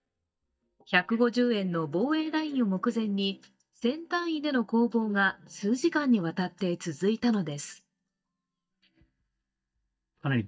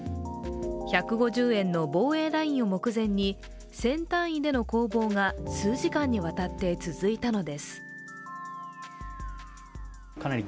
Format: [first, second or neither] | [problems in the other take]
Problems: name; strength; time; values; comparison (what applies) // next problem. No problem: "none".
second | noise reduction (neural mask model DeepFilterNet 3)